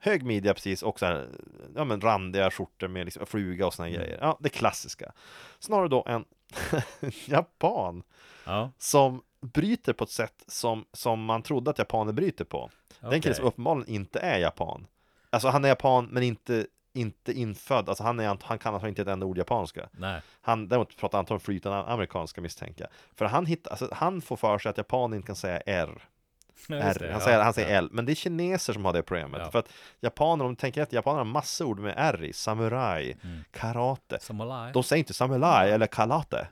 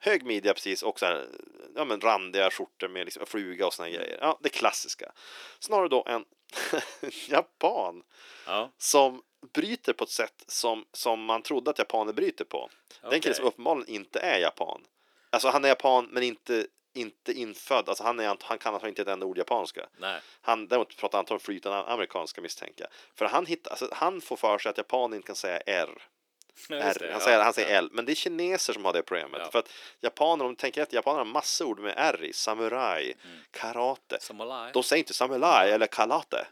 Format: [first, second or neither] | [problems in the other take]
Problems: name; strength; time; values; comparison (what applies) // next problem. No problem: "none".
first | thin; somewhat; fading below 300 Hz